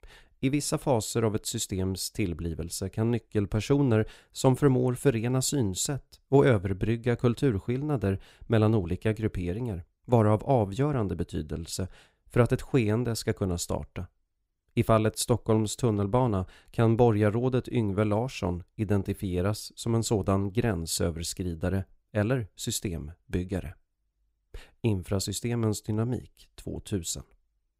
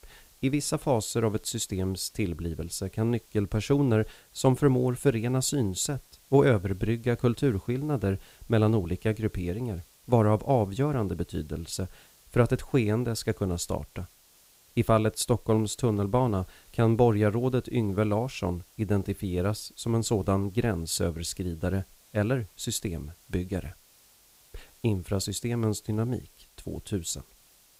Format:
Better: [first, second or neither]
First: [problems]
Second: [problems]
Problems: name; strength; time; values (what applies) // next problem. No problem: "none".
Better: first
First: none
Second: hiss; faint; throughout; 30 dB below the speech